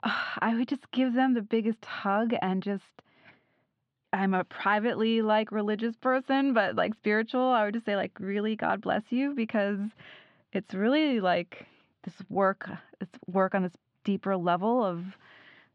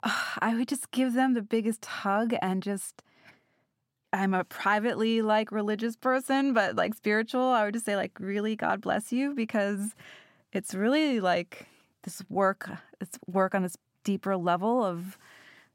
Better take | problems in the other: second | muffled; very slightly; fading above 3.5 kHz

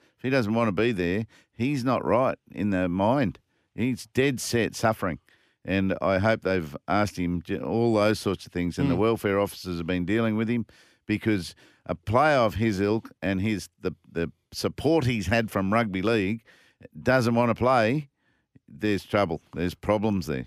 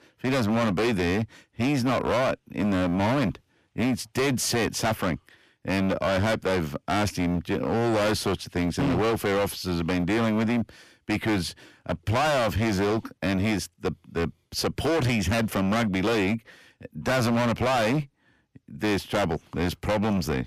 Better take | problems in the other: first | distortion; heavy; 22% of the sound clipped

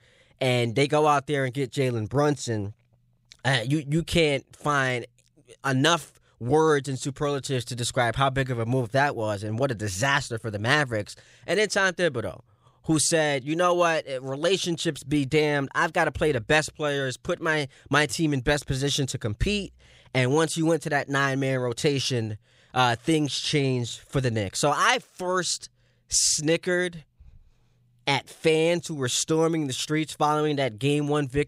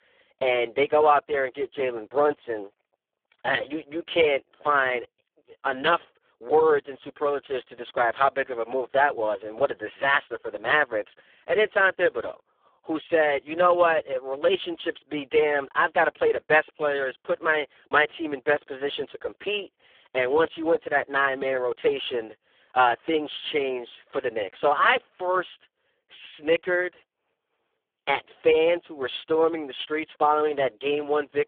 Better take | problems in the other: first | phone-call audio; poor line

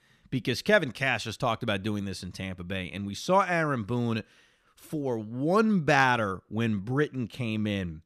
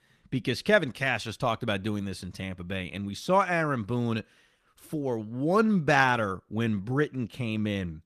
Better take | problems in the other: first | garbled, watery; slightly; nothing above 14.5 kHz

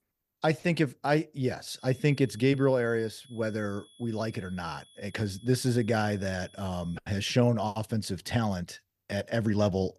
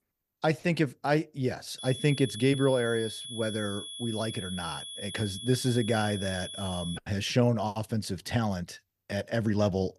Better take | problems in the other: first | high-pitched whine; loud; from 2 to 7 s; 3.5 kHz, 9 dB below the speech; faint in the first

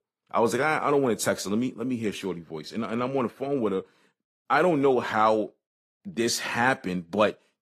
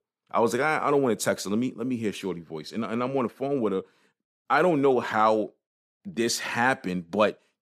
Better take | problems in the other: second | garbled, watery; slightly; nothing above 14.5 kHz

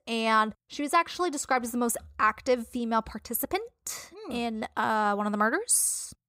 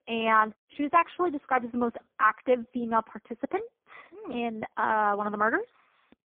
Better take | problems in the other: first | phone-call audio; poor line

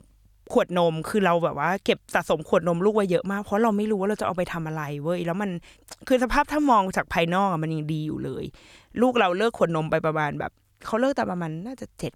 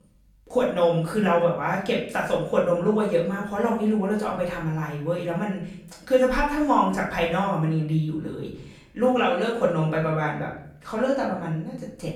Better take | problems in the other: first | off-mic speech; far // room echo; noticeable; dies away in 0.6 s

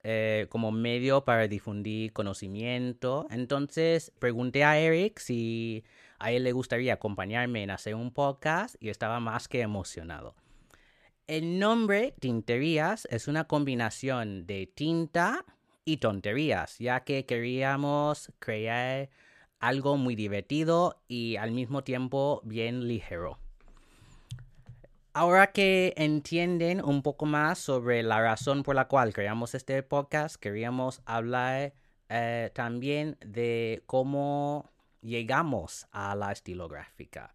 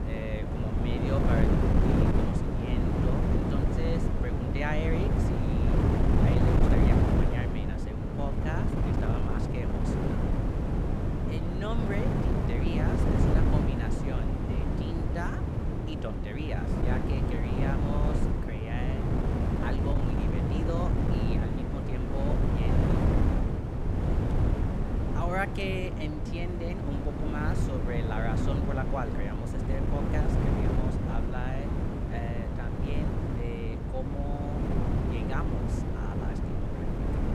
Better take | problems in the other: first | wind noise on the microphone; heavy; 3 dB above the speech

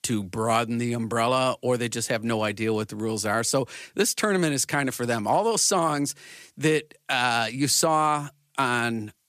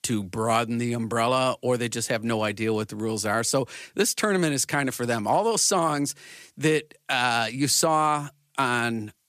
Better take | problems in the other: neither | none

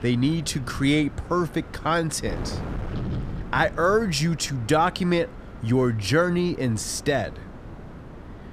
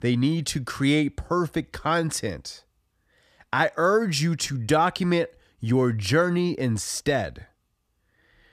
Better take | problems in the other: second | wind noise on the microphone; occasional gusts; 20 dB below the speech

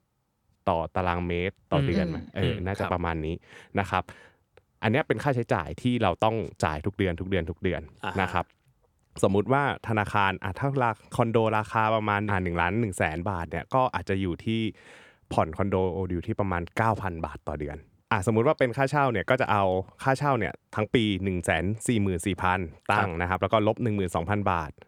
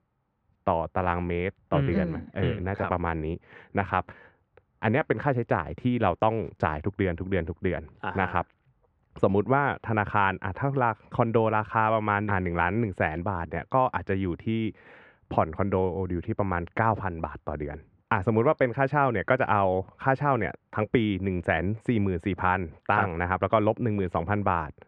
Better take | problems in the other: first | muffled; very; fading above 2 kHz

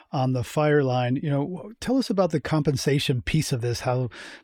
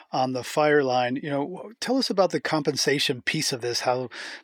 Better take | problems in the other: first | thin; somewhat; fading below 300 Hz

